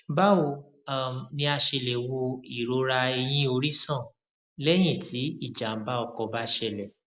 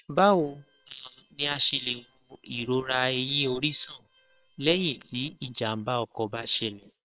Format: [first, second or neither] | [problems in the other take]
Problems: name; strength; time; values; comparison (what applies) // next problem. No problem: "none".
first | noise reduction (neural separator model SepFormer WHAM!)